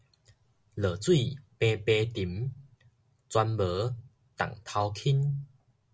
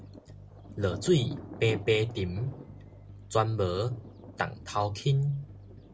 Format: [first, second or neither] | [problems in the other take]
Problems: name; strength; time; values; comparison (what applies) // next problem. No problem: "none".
first | background sound (Thunder + Bass guitar); 14 dB below the speech